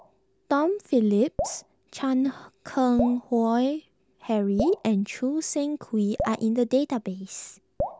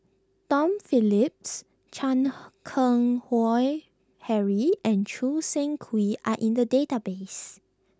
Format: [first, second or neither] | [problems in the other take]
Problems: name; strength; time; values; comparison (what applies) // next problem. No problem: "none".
second | background sound (Drip); 12 dB below the speech